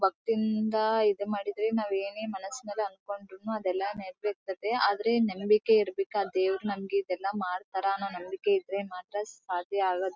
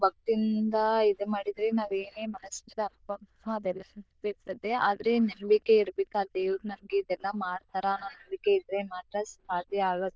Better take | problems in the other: first | noise reduction (neural diffusion model UNIVERSE++)

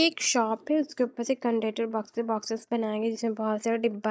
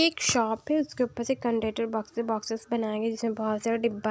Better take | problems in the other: second | noise reduction (neural mask model DeepFilterNet 3)

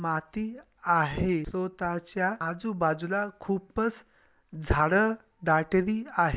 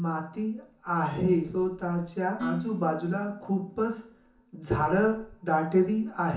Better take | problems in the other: first | background sound (Dishes, pots, and pans); 16 dB below the speech // room echo; dies away in 0.7 s

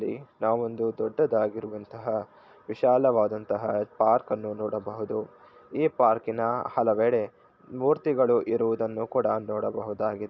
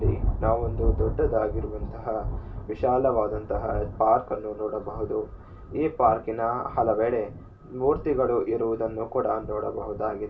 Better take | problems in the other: first | background sound (Thunder); 6 dB below the speech // room echo; dies away in 0.2 s

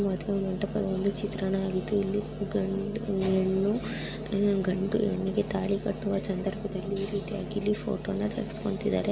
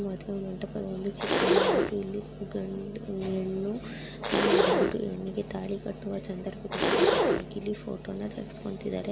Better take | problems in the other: first | background sound (Zipper (clothing)); 4 dB above the speech

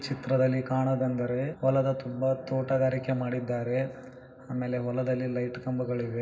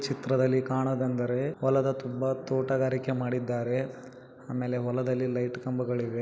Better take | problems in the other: second | room echo; dies away in 0.4 s

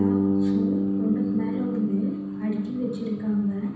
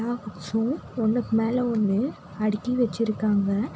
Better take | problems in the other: second | background sound (Bass guitar); 2 dB above the speech // room echo; dies away in 0.9 s

